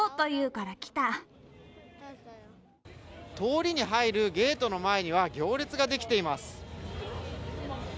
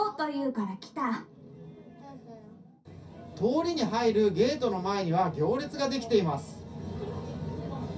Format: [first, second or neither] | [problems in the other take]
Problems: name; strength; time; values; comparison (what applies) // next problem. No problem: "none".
first | room echo; dies away in 0.3 s